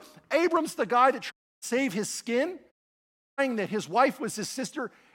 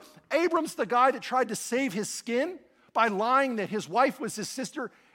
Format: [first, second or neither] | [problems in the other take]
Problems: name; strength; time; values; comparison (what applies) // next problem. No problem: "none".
second | audio cutting out; at 1.5 s and at 2.5 s for 0.5 s